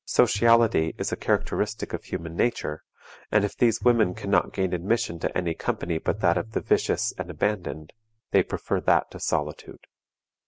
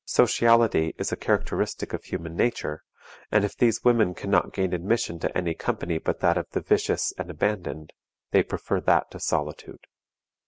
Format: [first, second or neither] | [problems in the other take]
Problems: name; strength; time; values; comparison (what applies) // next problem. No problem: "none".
second | background sound (Bowed string instrument); 17 dB below the speech